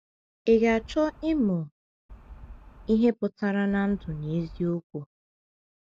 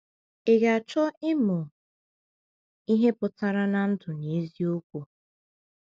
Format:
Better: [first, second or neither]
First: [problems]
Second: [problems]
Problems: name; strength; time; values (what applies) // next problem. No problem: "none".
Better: second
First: background sound (Wind); 18 dB below the speech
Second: none